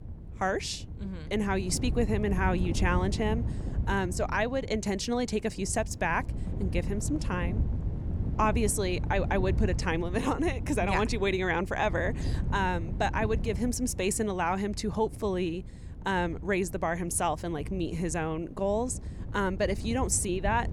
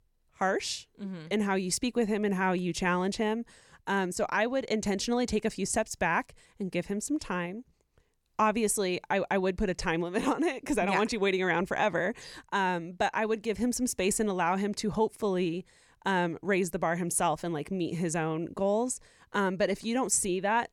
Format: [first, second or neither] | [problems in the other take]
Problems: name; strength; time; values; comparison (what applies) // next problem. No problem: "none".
second | wind noise on the microphone; occasional gusts; 15 dB below the speech